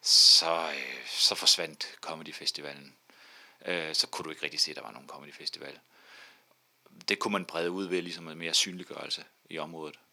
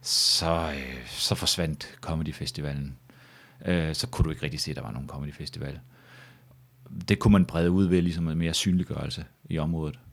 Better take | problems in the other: second | thin; very; fading below 300 Hz

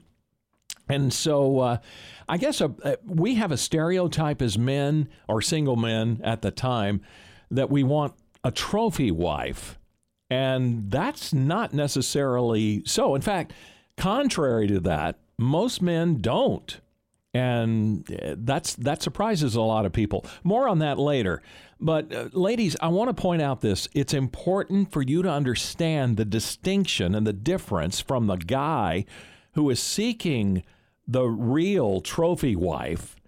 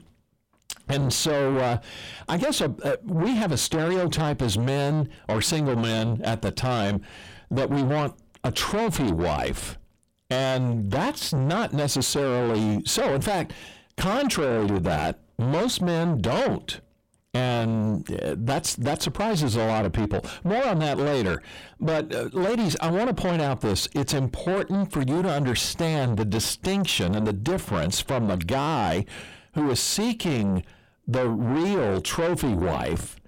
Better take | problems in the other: first | distortion; heavy; 7 dB below the speech

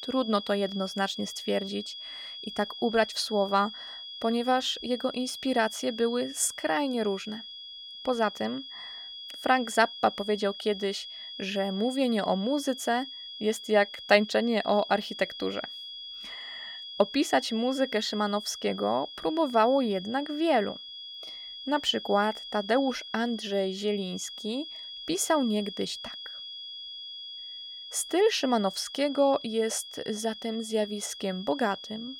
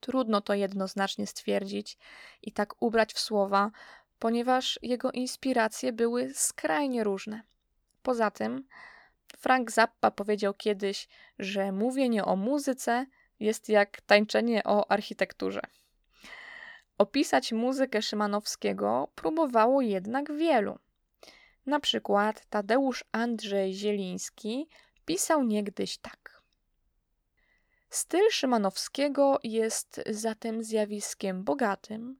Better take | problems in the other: second | high-pitched whine; noticeable; throughout; 3.5 kHz, 10 dB below the speech

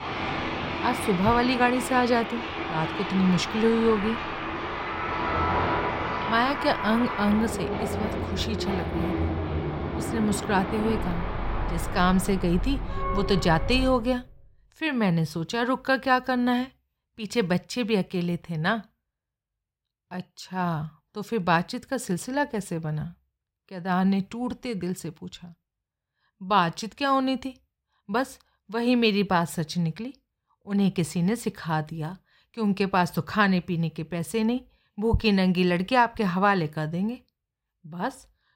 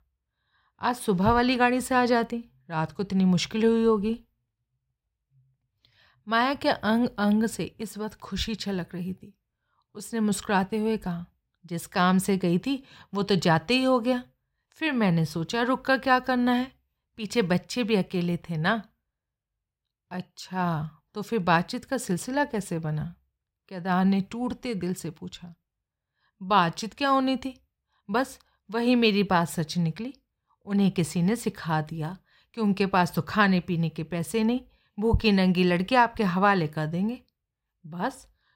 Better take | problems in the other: second | train or aircraft noise; loud; until 14 s; 4 dB below the speech

